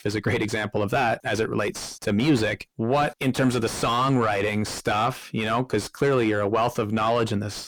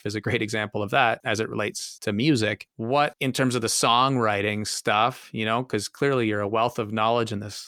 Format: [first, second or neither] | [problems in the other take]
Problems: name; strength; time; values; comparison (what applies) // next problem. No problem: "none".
second | distortion; heavy; 6 dB below the speech